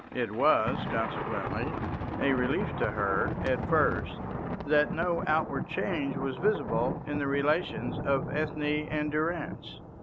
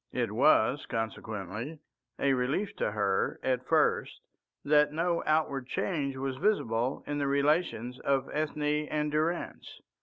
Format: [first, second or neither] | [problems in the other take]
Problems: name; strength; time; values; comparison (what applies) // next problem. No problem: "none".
second | background sound (Thunder); 5 dB below the speech